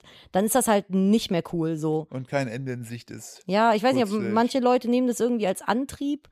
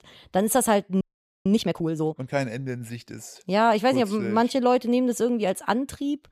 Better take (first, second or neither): first